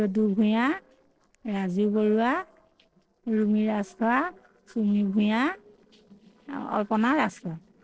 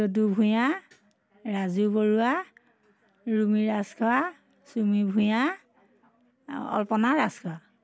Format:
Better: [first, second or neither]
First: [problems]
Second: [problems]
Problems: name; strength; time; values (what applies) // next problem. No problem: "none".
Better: second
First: noise reduction (neural separator model SepFormer DNS4)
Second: none